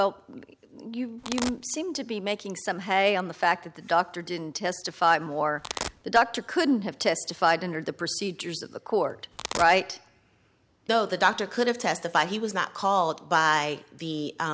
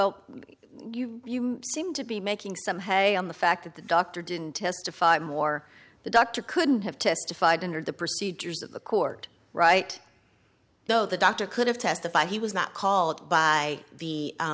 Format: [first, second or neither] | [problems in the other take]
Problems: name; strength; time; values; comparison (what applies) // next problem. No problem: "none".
second | background sound (Domestic sounds, home sounds); 8 dB below the speech